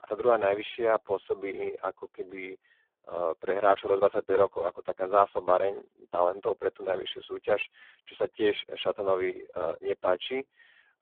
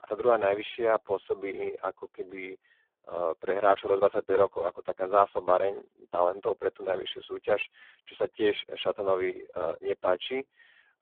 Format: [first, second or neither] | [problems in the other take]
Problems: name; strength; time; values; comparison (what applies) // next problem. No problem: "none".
neither | phone-call audio; poor line; nothing above 3.5 kHz; the same in both